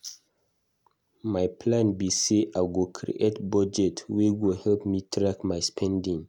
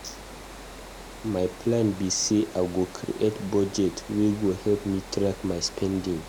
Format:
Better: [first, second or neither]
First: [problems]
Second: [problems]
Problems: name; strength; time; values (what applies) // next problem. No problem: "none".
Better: first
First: none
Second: background sound (Water); 15 dB below the speech